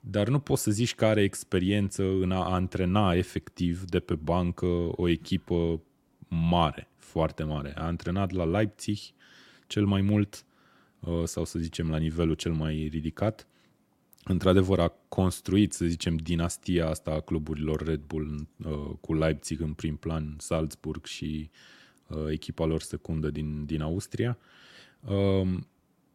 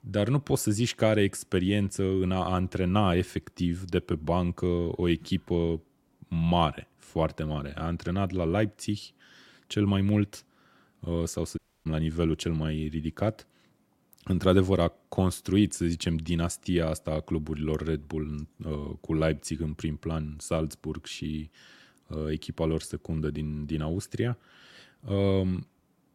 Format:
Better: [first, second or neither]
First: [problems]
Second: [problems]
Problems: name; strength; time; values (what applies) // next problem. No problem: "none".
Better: first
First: none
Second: audio cutting out; at 12 s